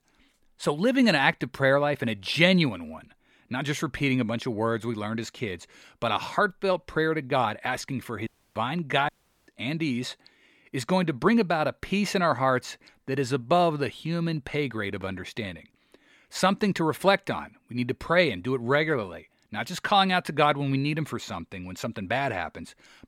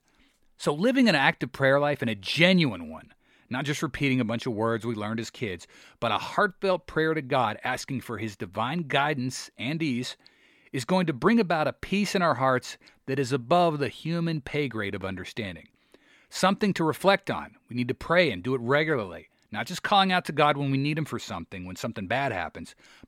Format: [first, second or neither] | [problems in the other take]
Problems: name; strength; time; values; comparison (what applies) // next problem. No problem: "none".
second | audio cutting out; at 8.5 s and at 9 s